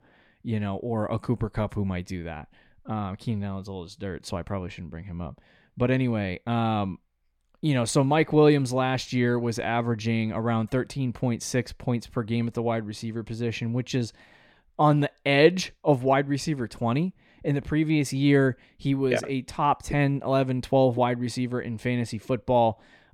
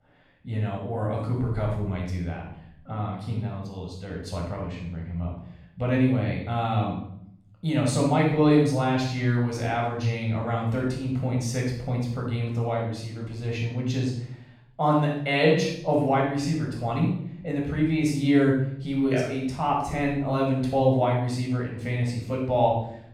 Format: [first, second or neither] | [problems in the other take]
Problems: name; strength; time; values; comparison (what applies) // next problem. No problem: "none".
first | off-mic speech; far // room echo; noticeable; dies away in 0.6 s